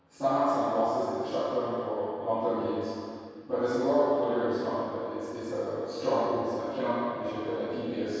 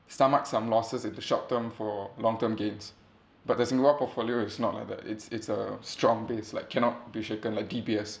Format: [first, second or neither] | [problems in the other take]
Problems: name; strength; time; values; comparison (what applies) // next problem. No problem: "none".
second | room echo; dies away in 2.2 s